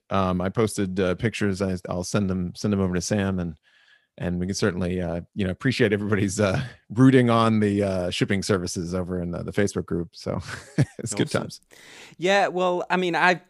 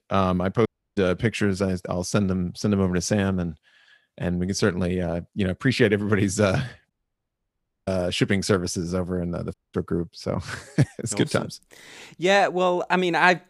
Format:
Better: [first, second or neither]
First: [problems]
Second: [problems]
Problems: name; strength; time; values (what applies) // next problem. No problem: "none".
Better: first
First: none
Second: audio cutting out; at 0.5 s, at 7 s for 1 s and at 9.5 s